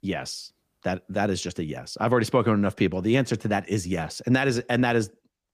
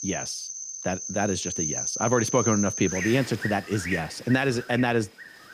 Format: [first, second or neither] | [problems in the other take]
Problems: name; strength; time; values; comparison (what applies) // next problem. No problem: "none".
first | animal sounds; loud; throughout; 5 dB below the speech